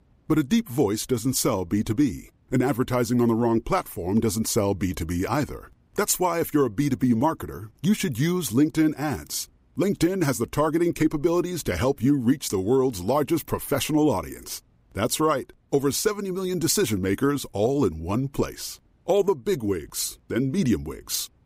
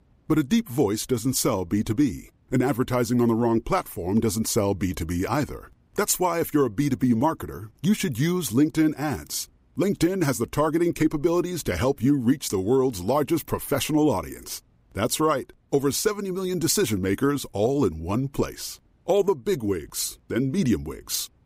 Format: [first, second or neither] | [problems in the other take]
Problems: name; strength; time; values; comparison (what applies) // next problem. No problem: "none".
neither | none